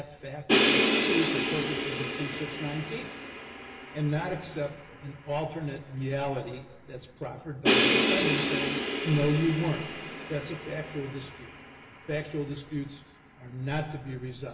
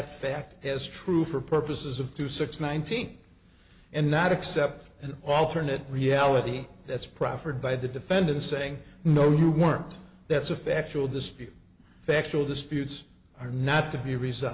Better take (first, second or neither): second